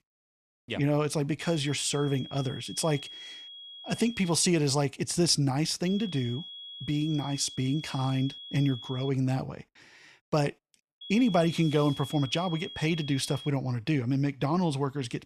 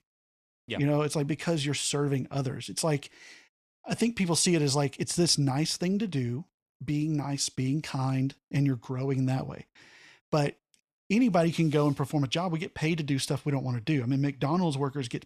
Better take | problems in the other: second | high-pitched whine; noticeable; from 1.5 to 4.5 s, from 6 to 9 s and from 11 to 13 s; 3.5 kHz, 15 dB below the speech

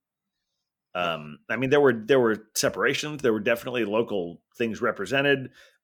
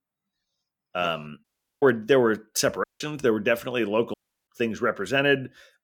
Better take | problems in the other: first | audio cutting out; at 1.5 s, at 3 s and at 4 s

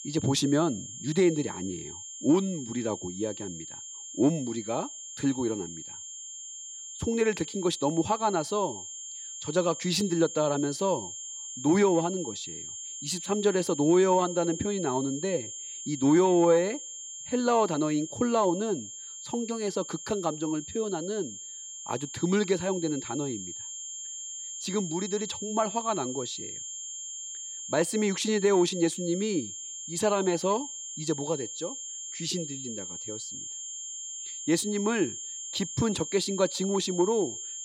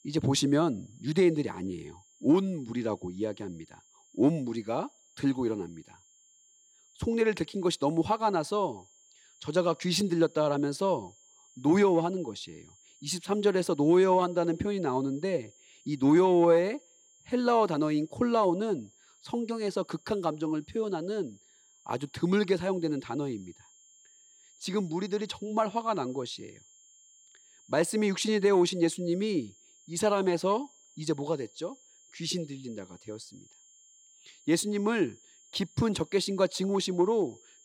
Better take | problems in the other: second | high-pitched whine; loud; throughout; 7.5 kHz, 9 dB below the speech; faint in the second

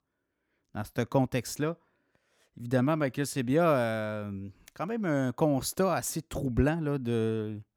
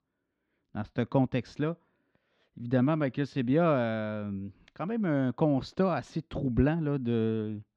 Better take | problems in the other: first | muffled; slightly; fading above 4 kHz

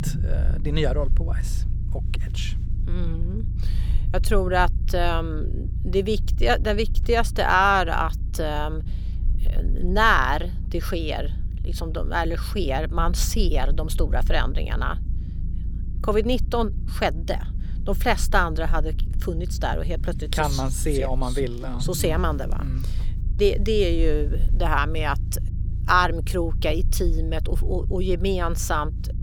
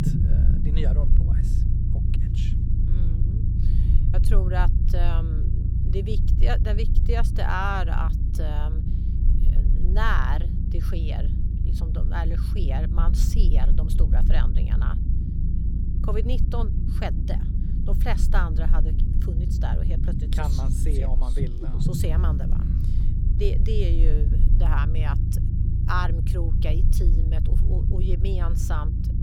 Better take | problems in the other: first | low rumble; loud; throughout; 6 dB below the speech; faint in the first

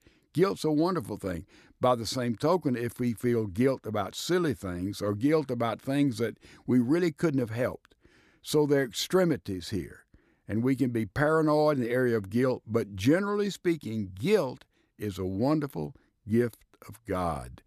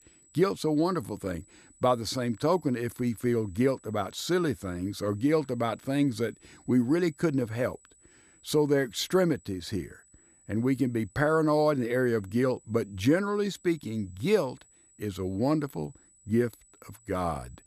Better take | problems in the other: first | high-pitched whine; faint; throughout; 8 kHz, 30 dB below the speech

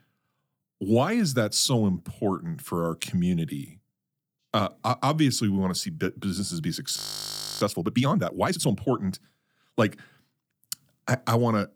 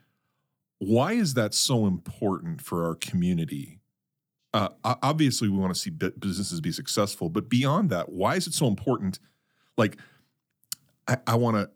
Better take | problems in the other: second | audio freezing; at 7 s for 0.5 s

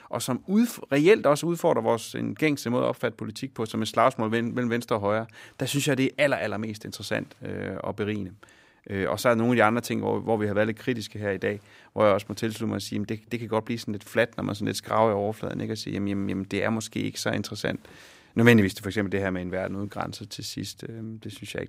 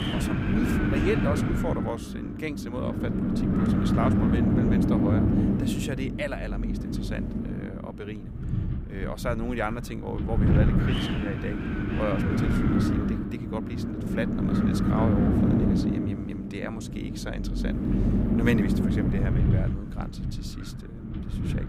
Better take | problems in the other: first | wind noise on the microphone; heavy; 3 dB above the speech

